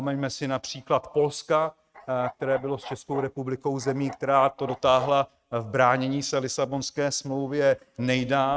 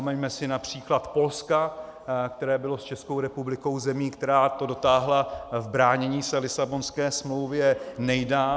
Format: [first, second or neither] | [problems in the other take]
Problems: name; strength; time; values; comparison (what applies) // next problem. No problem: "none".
second | noise reduction (neural mask model RNNoise)